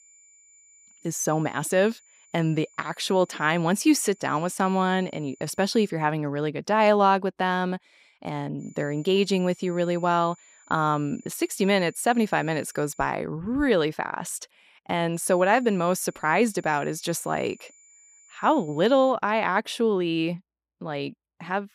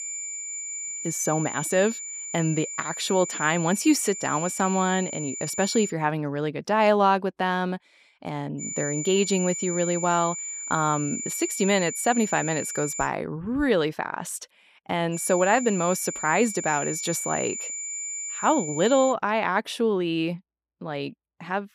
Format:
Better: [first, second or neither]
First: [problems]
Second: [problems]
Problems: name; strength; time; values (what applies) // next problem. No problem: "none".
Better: first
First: high-pitched whine; faint; until 6 s, from 8.5 to 13 s and from 15 to 19 s; 7 kHz, 30 dB below the speech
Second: high-pitched whine; loud; until 6 s, from 8.5 to 13 s and from 15 to 19 s; 7 kHz, 6 dB below the speech